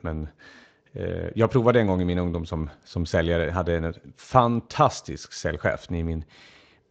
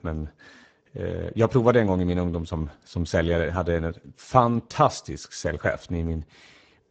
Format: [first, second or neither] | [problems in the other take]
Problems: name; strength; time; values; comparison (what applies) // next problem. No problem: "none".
first | garbled, watery; badly; nothing above 7.5 kHz; slightly in the first